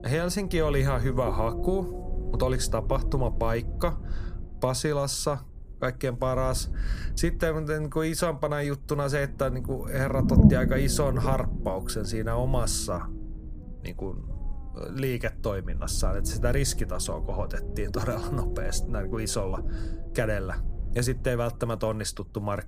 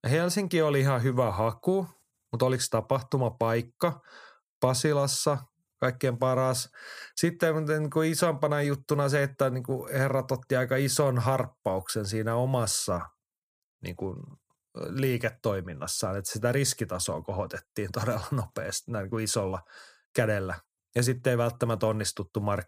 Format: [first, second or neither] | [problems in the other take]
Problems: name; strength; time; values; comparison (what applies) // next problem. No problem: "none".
second | low rumble; loud; throughout; 10 dB below the speech